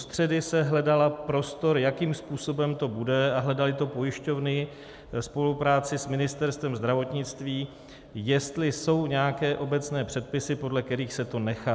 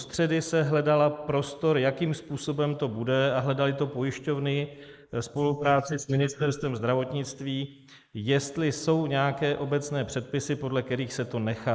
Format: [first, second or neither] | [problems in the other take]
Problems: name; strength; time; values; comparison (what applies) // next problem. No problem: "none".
first | noise reduction (neural mask model Resemble Enhance denoiser)